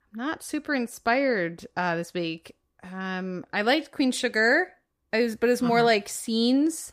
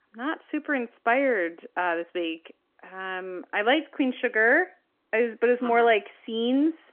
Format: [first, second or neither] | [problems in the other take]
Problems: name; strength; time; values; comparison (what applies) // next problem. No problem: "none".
first | phone-call audio; nothing above 3.5 kHz